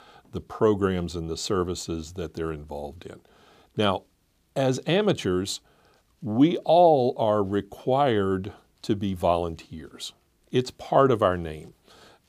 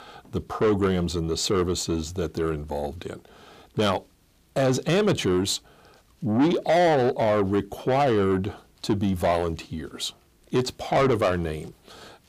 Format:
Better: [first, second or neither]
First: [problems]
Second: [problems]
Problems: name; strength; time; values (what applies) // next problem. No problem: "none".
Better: first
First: none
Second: distortion; heavy; 7 dB below the speech